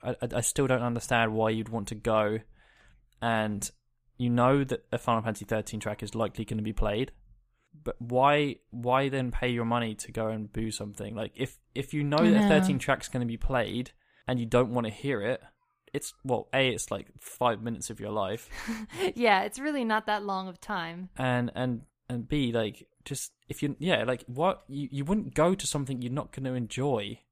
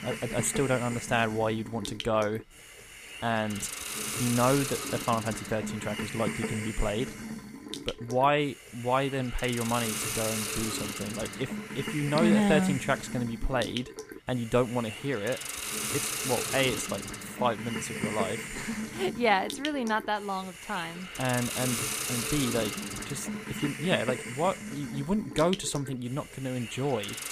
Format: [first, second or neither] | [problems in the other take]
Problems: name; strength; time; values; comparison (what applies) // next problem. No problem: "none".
first | hiss; loud; throughout; 5 dB below the speech